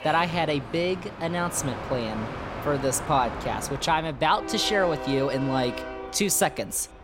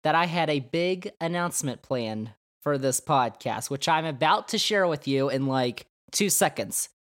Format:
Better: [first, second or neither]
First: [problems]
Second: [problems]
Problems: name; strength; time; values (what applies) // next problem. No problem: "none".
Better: second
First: train or aircraft noise; loud; throughout; 9 dB below the speech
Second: none